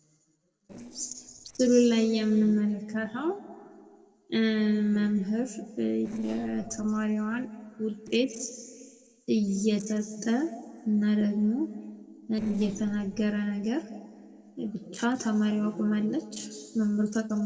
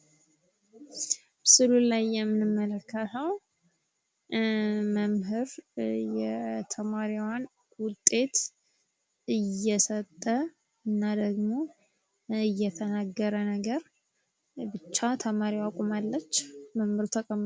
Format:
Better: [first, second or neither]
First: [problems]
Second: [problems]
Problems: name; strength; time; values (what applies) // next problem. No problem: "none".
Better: second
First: noise reduction (neural separator model SepFormer DNS4)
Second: none